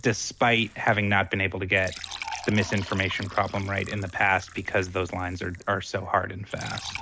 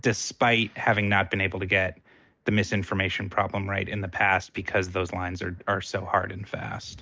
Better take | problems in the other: second | background sound (Fill (with liquid) / Trickle, dribble); 15 dB below the speech

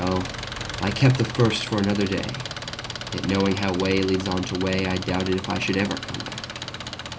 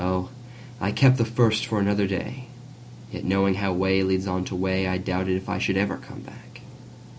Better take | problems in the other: second | background sound (Engine); 9 dB below the speech

